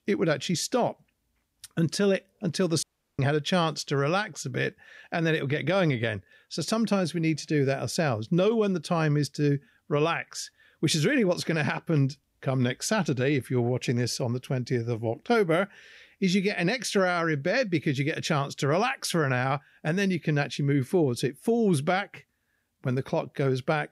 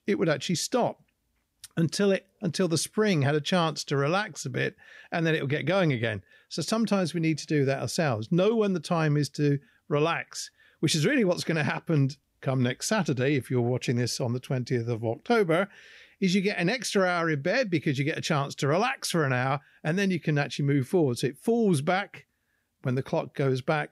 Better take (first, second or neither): second